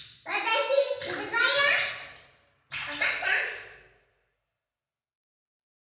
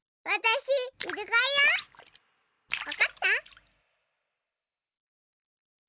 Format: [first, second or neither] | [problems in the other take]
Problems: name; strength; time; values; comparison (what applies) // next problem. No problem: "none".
second | room echo; dies away in 1.2 s